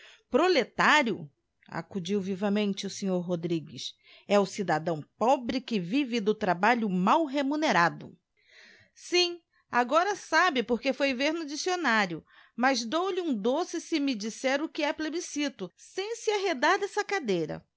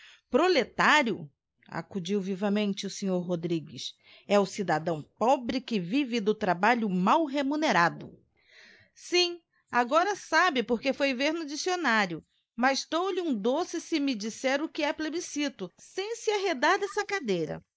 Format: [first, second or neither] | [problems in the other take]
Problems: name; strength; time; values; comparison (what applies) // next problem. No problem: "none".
first | noise reduction (neural mask model Resemble Enhance denoiser)